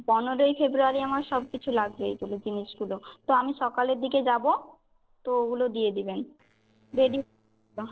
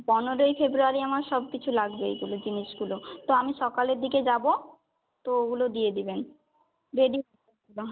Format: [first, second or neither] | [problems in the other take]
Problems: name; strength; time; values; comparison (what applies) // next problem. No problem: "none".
second | noise reduction (neural separator model SepFormer DNS4)